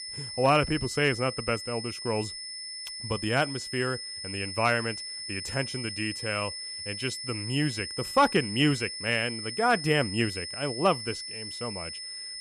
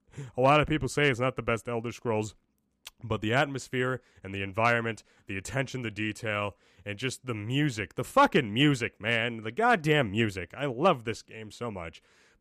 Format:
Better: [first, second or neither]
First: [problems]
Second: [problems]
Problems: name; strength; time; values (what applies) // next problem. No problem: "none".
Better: second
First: high-pitched whine; loud; throughout; 5 kHz, 7 dB below the speech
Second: none